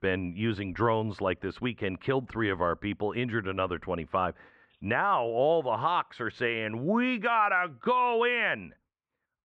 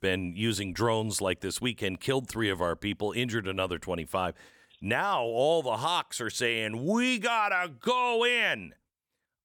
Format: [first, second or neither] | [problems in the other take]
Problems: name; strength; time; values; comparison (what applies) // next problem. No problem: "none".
second | muffled; very; fading above 2.5 kHz